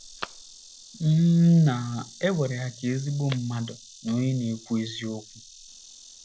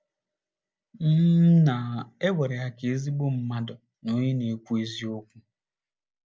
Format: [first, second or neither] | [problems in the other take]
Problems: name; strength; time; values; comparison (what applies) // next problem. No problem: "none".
second | background sound (Insect + Telephone); 19 dB below the speech